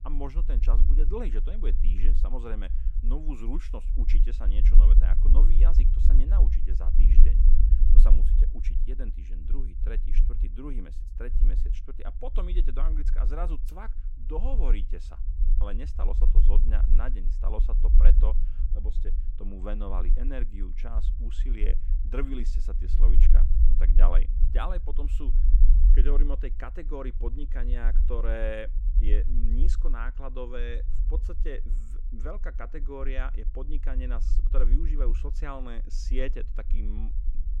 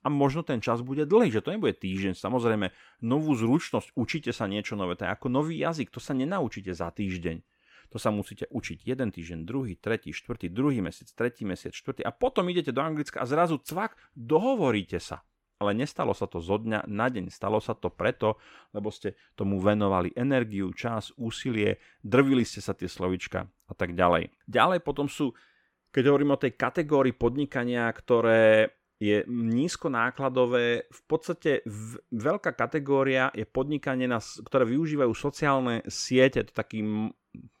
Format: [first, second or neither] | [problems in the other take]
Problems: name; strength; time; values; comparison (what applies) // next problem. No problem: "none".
second | low rumble; loud; throughout; 9 dB below the speech